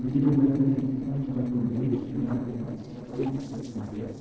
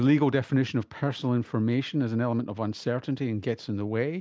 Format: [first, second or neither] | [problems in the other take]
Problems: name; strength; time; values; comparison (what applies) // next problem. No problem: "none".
second | noise reduction (neural separator model SepFormer DNS4)